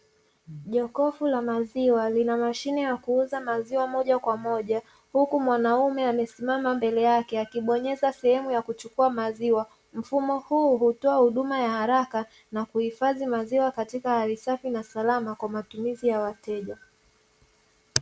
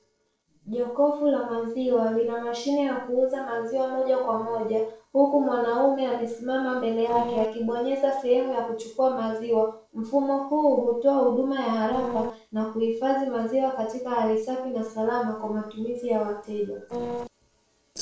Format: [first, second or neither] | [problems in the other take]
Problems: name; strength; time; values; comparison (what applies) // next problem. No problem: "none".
first | noise reduction (neural separator model SepFormer DNS4)